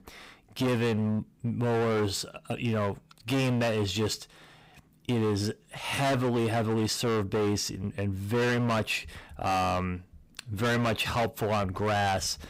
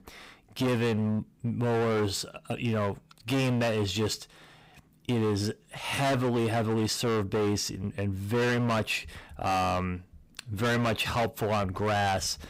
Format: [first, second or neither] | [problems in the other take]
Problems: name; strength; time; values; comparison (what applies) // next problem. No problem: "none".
neither | distortion; heavy; 19% of the sound clipped; the same in both